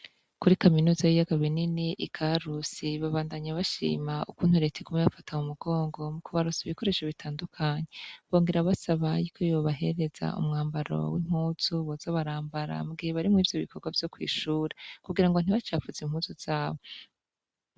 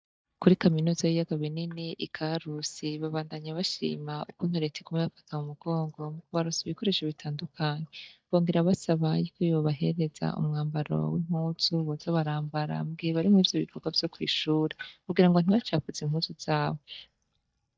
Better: first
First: none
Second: noise reduction (neural mask model DeepFilterNet 3)

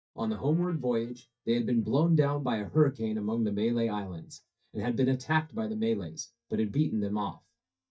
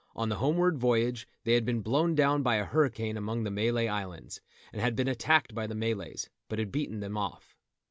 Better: second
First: noise reduction (neural mask model DeepFilterNet 3)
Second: none

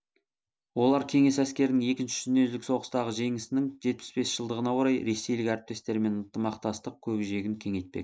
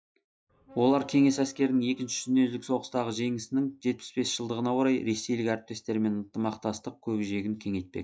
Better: first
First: none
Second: noise reduction (classical method log-MMSE)

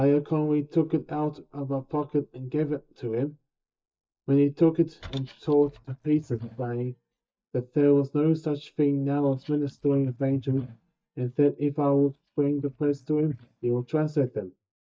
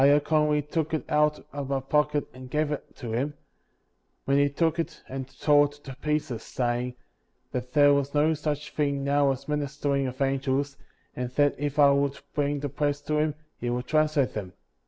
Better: second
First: noise reduction (neural mask model DeepFilterNet 3)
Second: none

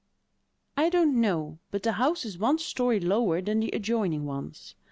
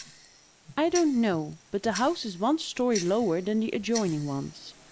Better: first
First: none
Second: background sound (Tick-tock); 15 dB below the speech

